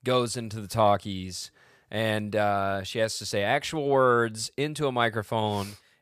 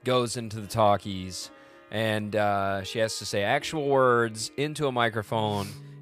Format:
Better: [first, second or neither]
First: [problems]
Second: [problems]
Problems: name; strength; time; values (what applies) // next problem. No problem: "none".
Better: first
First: none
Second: background music; faint; throughout; 25 dB below the speech